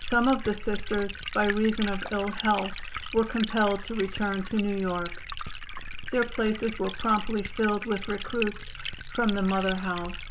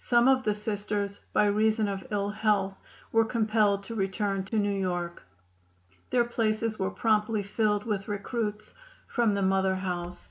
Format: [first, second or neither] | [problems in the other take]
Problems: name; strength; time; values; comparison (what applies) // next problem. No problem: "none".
second | background sound (Liquid); 6 dB below the speech